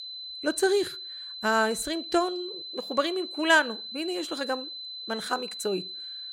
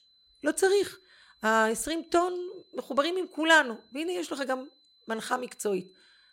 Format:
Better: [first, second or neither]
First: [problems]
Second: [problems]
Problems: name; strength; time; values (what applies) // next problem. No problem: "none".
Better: second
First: high-pitched whine; loud; throughout; 4 kHz, 8 dB below the speech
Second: high-pitched whine; faint; throughout; 4 kHz, 35 dB below the speech